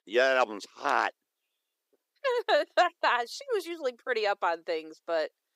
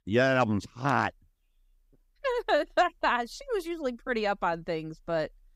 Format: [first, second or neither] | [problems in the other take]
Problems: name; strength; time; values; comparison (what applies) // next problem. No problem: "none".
second | thin; very; fading below 400 Hz